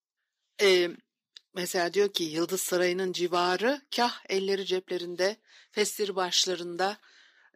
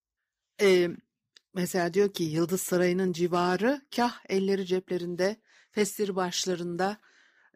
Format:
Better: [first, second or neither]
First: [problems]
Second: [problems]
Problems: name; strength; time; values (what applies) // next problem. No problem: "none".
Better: second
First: thin; somewhat; fading below 300 Hz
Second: none